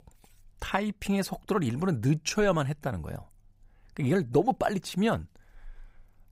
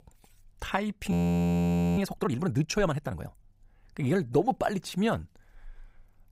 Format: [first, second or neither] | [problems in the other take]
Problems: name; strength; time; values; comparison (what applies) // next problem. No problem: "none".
first | audio freezing; at 1 s for 1 s